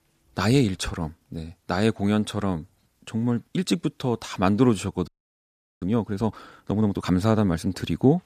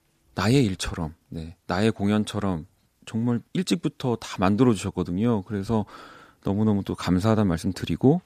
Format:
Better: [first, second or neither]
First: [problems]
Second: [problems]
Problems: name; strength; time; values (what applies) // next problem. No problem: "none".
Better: second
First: audio freezing; at 5 s for 0.5 s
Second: none